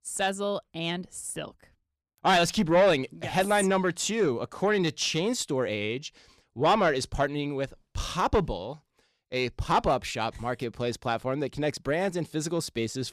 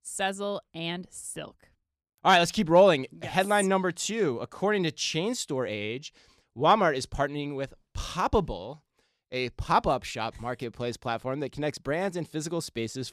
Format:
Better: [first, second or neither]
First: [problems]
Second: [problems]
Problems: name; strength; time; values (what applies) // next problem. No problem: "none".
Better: second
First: distortion; slight; 10 dB below the speech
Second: none